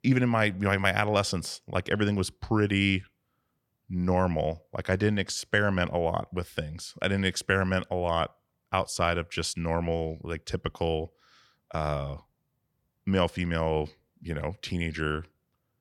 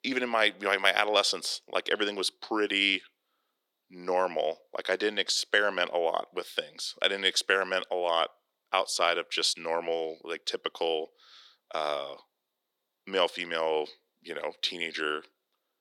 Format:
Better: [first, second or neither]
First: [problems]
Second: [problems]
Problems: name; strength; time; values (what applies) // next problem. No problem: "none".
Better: first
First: none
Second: thin; very; fading below 350 Hz